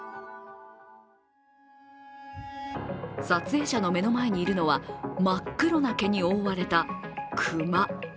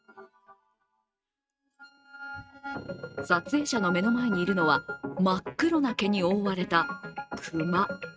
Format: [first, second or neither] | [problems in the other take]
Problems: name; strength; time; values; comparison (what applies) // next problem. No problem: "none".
first | noise reduction (neural mask model RNNoise)